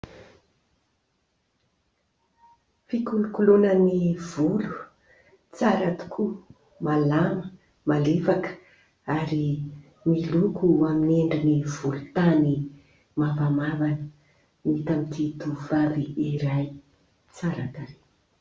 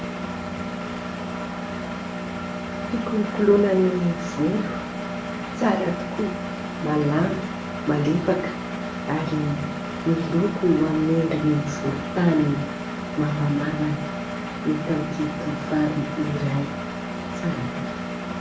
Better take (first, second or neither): first